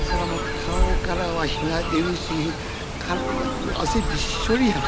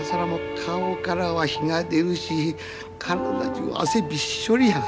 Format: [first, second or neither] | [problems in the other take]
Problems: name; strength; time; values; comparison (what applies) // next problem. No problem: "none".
second | background sound (Fowl); 1 dB below the speech